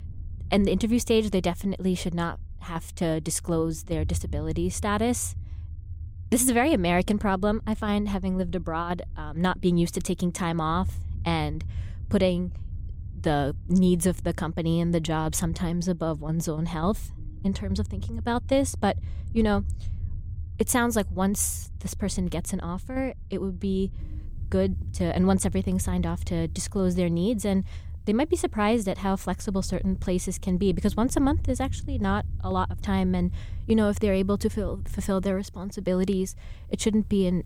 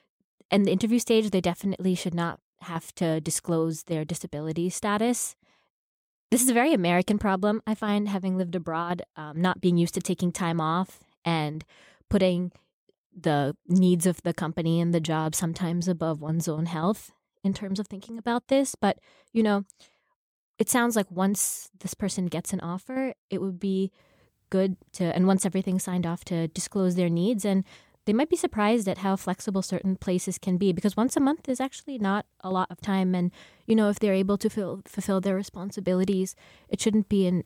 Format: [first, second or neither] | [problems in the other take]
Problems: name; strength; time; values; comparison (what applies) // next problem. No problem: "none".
second | low rumble; faint; throughout; 25 dB below the speech